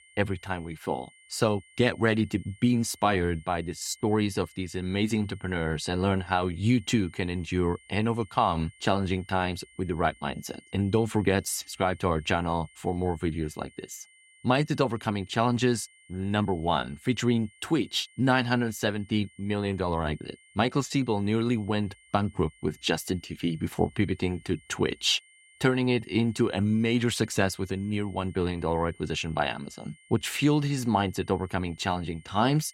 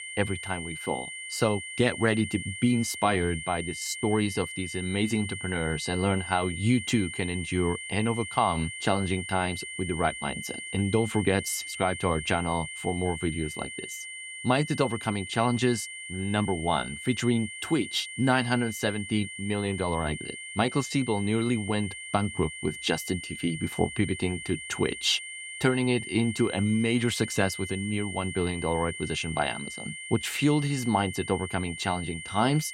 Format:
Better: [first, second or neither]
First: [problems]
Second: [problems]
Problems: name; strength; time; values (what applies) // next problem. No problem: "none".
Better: first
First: high-pitched whine; faint; throughout; 2 kHz, 25 dB below the speech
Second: high-pitched whine; loud; throughout; 2 kHz, 8 dB below the speech